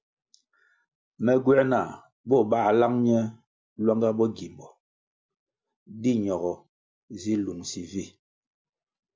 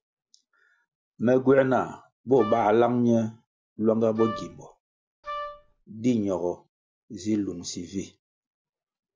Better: first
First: none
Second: background sound (Wind instrument, woodwind instrument); 11 dB below the speech

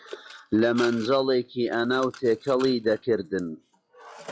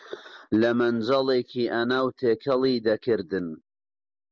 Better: second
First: noise reduction (classical method log-MMSE)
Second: none

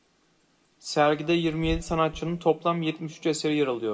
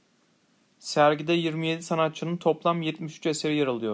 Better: second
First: background sound (Wind / Bird); 17 dB below the speech // room echo; dies away in 1.2 s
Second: none

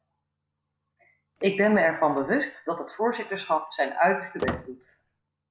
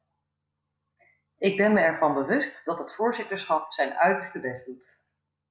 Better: second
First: background sound (Squeak); 14 dB below the speech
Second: none

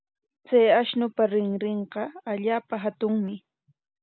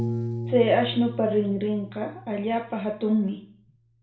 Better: first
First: none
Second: background sound (Piano); 9 dB below the speech // room echo; dies away in 0.4 s

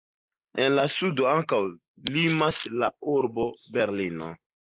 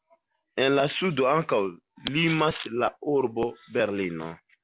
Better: second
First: noise reduction (neural mask model Resemble Enhance denoiser)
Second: none

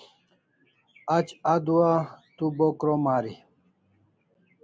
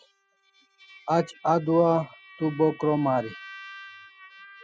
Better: first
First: none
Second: noise reduction (classical method spectral subtraction)

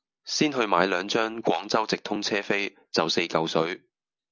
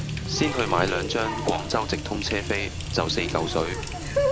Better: first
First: none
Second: background sound (Water tap, faucet); 1 dB below the speech

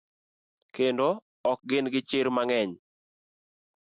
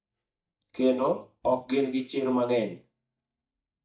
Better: first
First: none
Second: noise reduction (neural mask model DeepFilterNet 3)

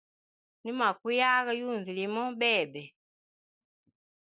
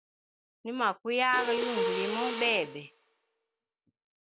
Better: first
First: none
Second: background sound (Mechanisms); 3 dB below the speech

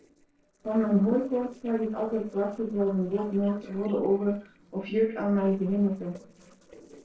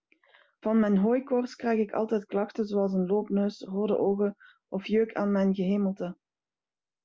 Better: second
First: noise reduction (neural separator model SepFormer DNS4)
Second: none

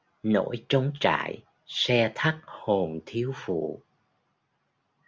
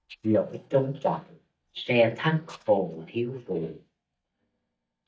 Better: first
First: none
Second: noise reduction (neural mask model DeepFilterNet 3)

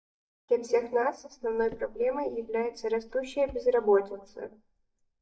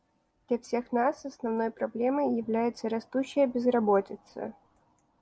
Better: second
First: noise reduction (neural mask model DeepFilterNet 3)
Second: none

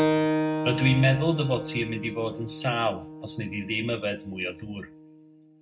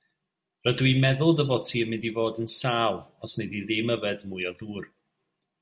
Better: second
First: background sound (Keyboard (musical)); 3 dB below the speech // room echo; dies away in 0.3 s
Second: none

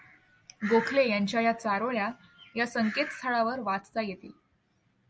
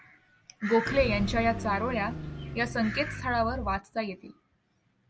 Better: first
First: none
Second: background sound (Car); 6 dB below the speech

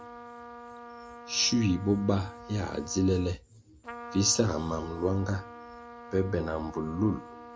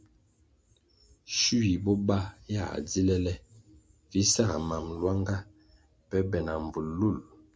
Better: second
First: background sound (Trumpet); 15 dB below the speech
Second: none

